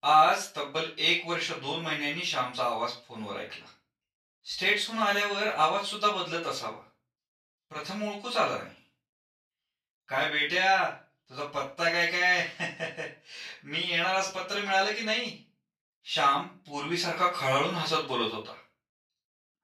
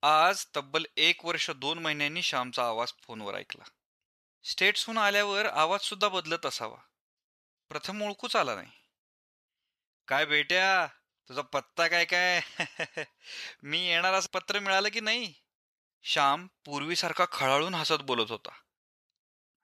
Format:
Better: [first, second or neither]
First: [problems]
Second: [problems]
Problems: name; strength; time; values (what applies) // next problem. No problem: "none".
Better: second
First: off-mic speech; far // room echo; slight; dies away in 0.3 s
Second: none